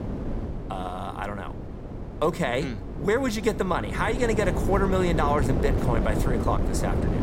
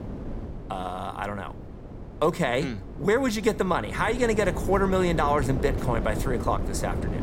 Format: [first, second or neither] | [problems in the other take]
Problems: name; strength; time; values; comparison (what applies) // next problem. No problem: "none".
second | wind noise on the microphone; heavy; 8 dB below the speech; occasional gusts in the second